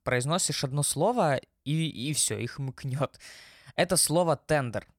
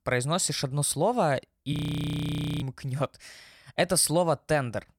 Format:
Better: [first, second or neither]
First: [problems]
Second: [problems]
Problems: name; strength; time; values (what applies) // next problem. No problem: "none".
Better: first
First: none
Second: audio freezing; at 1.5 s for 1 s